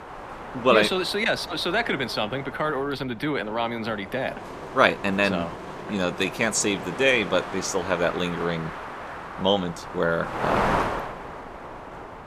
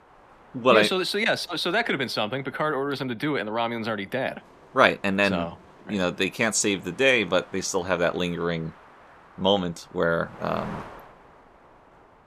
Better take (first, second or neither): second